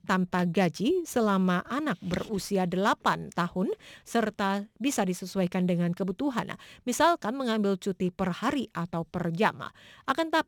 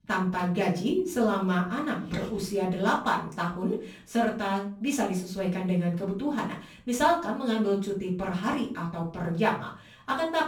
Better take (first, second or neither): first